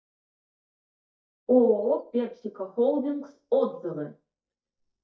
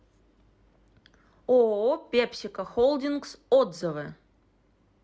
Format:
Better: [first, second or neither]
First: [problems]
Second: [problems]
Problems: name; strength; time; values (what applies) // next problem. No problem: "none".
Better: second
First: noise reduction (neural mask model DeepFilterNet 3)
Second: none